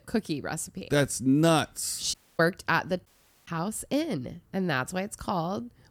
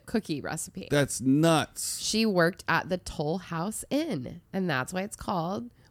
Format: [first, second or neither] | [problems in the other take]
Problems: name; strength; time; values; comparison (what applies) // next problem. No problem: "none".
second | audio cutting out; at 2 s and at 3 s